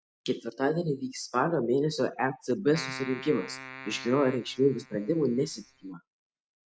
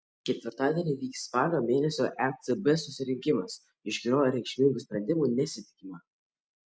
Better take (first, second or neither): second